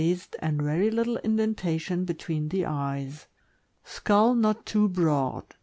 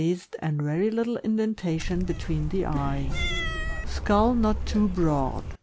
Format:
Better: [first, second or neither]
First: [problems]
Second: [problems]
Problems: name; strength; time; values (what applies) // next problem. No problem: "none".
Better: first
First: none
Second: background sound (Cat); 3 dB below the speech